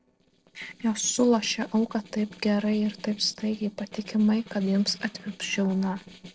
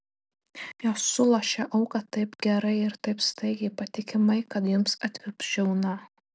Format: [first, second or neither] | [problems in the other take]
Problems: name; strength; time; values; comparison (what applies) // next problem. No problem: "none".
second | noise reduction (neural separator model SepFormer DNS4)